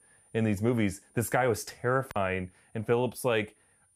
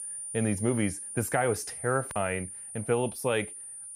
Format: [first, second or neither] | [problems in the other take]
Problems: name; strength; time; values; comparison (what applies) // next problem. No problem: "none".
first | high-pitched whine; loud; throughout; 9 kHz, 7 dB below the speech; faint in the first